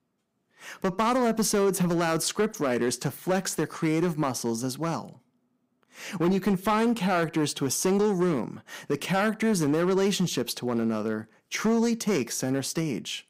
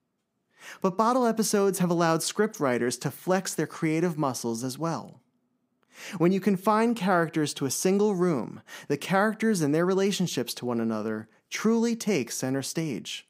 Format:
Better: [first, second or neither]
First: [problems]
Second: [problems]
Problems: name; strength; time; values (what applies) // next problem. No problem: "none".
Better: second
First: distortion; slight; 6% of the sound clipped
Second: none